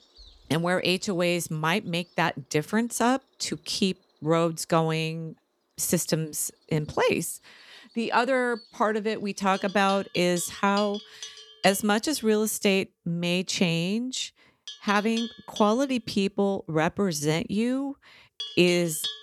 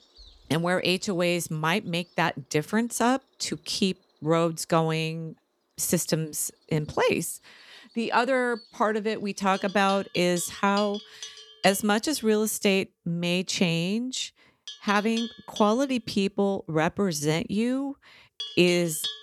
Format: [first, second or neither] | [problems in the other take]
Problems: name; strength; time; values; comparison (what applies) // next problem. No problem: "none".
neither | animal sounds; noticeable; throughout; 15 dB below the speech; the same in both